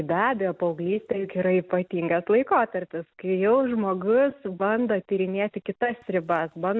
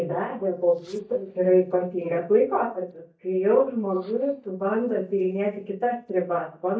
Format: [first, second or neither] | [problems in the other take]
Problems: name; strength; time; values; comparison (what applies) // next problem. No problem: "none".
first | noise reduction (neural mask model DeepFilterNet 3)